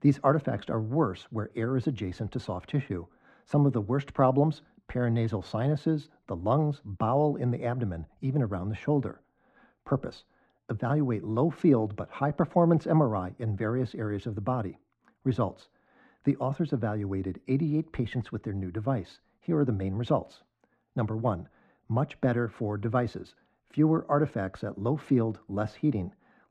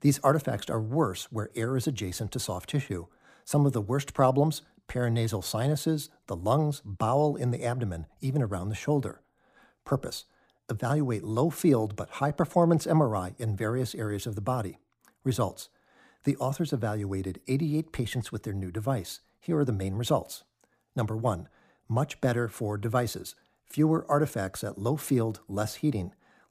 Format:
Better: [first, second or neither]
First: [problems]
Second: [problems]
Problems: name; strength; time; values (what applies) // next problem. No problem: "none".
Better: second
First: muffled; slightly; fading above 2.5 kHz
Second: none